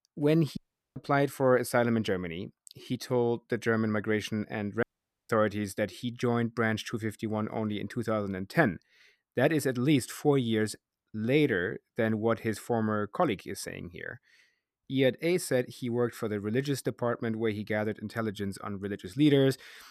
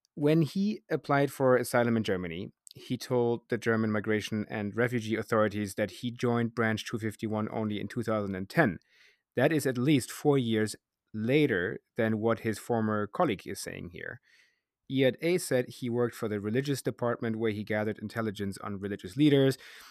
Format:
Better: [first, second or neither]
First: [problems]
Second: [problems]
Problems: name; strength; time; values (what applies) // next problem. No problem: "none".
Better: second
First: audio cutting out; at 0.5 s and at 5 s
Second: none